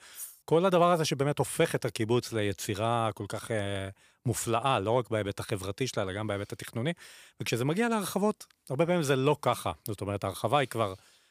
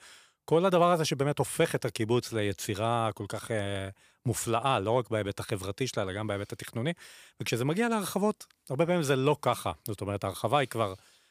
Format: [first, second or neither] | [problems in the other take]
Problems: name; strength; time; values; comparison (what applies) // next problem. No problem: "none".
second | clattering dishes; faint; at the start; peak 15 dB below the speech